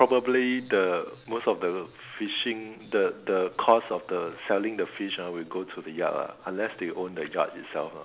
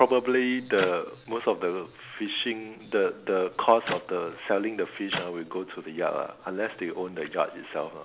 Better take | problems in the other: first | background sound (Clapping); 12 dB below the speech

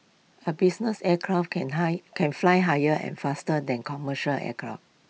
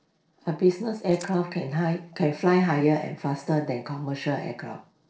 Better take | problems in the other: first | noise reduction (neural separator model SepFormer DNS4)

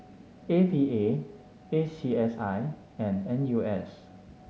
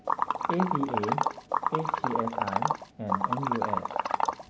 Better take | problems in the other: first | background sound (Liquid); 5 dB above the speech

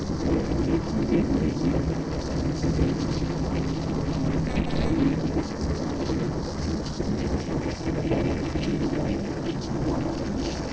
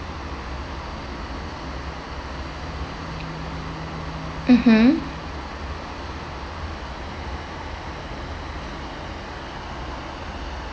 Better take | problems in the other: second | noise reduction (neural separator model SepFormer DNS4)

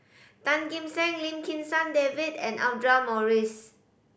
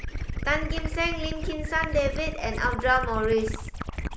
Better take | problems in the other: first | background sound (Gurgling / Liquid); 3 dB below the speech

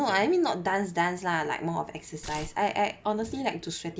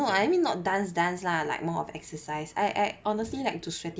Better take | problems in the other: second | background sound (Tearing); 13 dB below the speech

